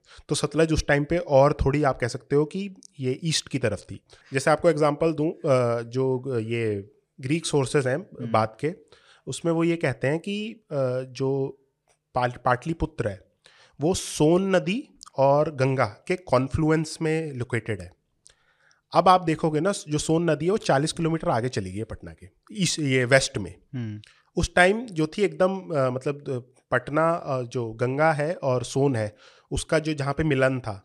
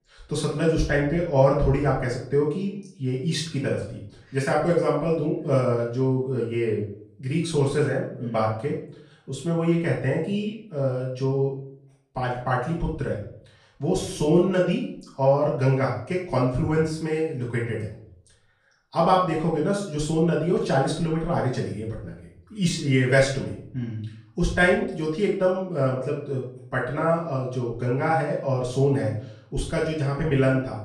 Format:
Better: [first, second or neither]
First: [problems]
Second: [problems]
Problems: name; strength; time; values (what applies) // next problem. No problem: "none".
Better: first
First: none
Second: off-mic speech; far // room echo; noticeable; dies away in 0.5 s